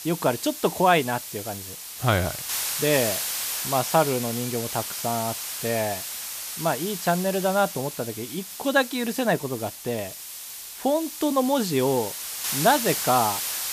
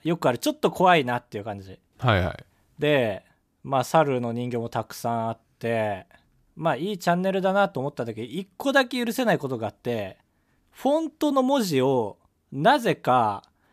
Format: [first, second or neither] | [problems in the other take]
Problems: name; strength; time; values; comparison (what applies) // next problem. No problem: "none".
second | hiss; loud; throughout; 5 dB below the speech